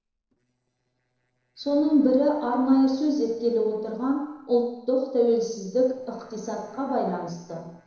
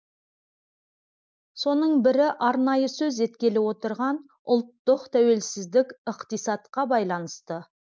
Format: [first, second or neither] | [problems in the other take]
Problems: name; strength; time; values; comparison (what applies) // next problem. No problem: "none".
second | noise reduction (neural separator model SepFormer DNS4)